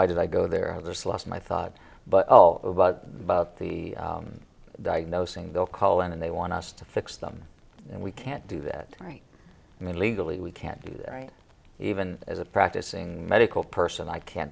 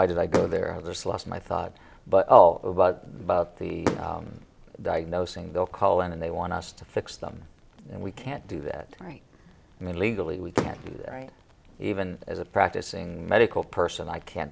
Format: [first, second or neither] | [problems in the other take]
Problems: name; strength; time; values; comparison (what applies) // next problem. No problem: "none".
first | background sound (Fireworks); 11 dB below the speech